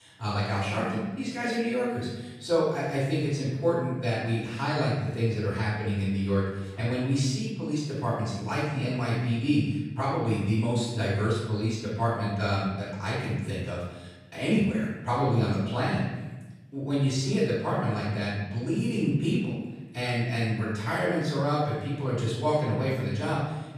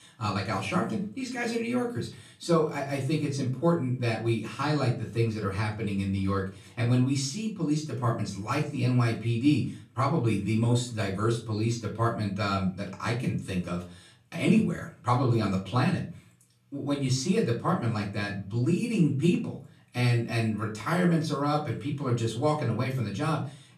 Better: second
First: room echo; strong; dies away in 1.1 s // off-mic speech; far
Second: room echo; slight; dies away in 0.3 s // off-mic speech; far

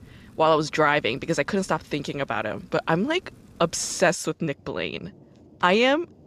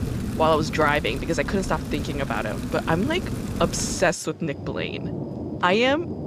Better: first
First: rain or running water; faint; throughout; 25 dB below the speech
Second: rain or running water; loud; throughout; 7 dB below the speech

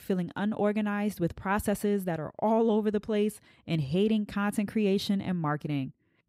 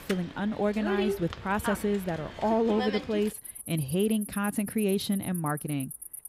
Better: first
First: none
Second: animal sounds; loud; throughout; 8 dB below the speech

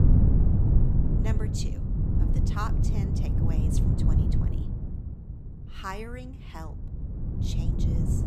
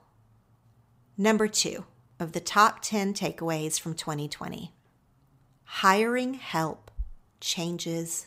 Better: second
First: wind noise on the microphone; heavy; 2 dB above the speech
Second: none

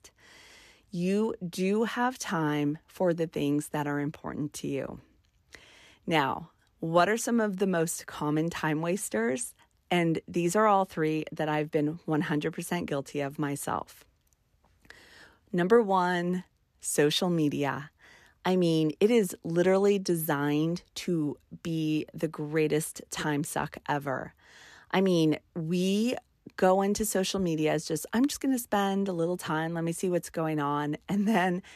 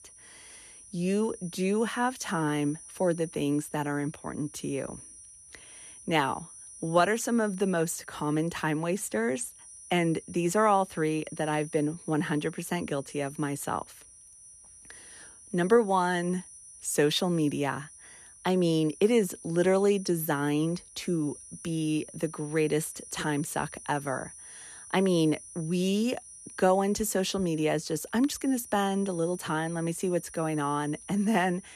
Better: first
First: none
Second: high-pitched whine; noticeable; throughout; 10 kHz, 15 dB below the speech

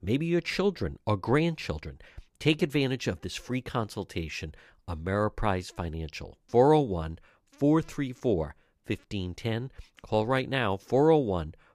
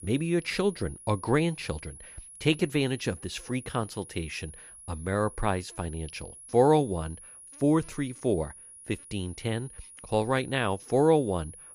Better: first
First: none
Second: high-pitched whine; noticeable; throughout; 10.5 kHz, 15 dB below the speech

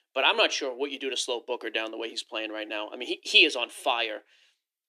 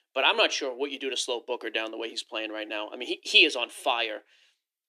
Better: neither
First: thin; somewhat; fading below 300 Hz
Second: thin; somewhat; fading below 300 Hz

